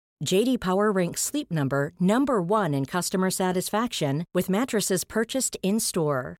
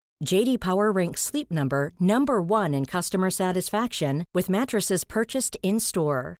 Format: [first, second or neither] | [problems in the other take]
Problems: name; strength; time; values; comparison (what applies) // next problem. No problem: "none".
first | garbled, watery; slightly; nothing above 16.5 kHz